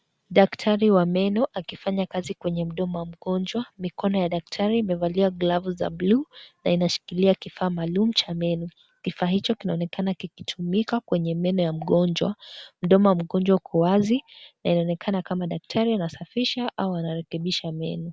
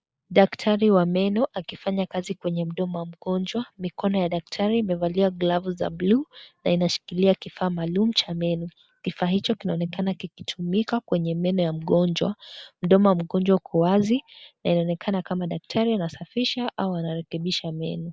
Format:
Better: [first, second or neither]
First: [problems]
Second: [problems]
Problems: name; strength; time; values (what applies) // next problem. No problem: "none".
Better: first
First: none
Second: noise reduction (neural mask model Resemble Enhance denoiser)